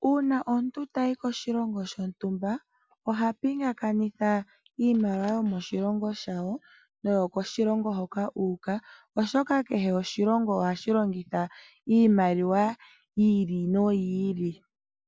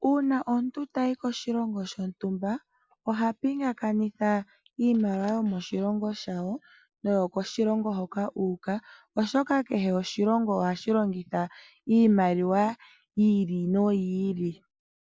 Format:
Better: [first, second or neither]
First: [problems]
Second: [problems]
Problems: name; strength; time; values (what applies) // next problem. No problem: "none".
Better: first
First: none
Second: noise reduction (neural mask model Resemble Enhance denoiser)